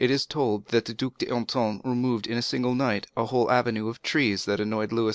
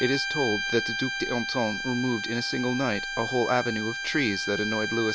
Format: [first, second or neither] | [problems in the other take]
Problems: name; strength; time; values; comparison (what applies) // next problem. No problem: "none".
first | background sound (Bowed string instrument); 4 dB below the speech